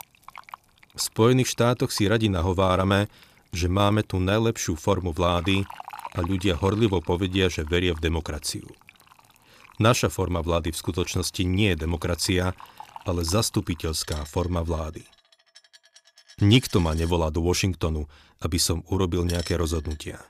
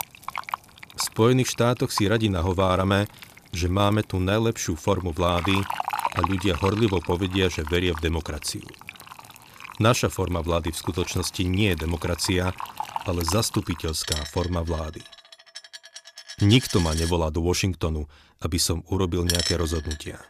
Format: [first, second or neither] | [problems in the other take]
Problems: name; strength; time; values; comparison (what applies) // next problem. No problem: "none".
first | household noises; loud; throughout; 10 dB below the speech; faint in the first